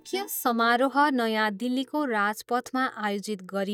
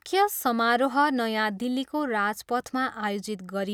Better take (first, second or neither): second